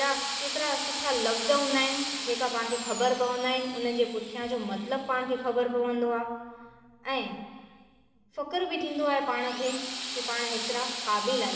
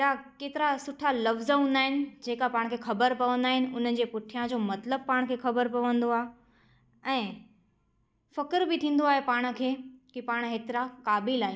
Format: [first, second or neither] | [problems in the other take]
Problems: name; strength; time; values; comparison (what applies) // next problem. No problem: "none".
second | background sound (Drill); 7 dB below the speech // room echo; dies away in 2.1 s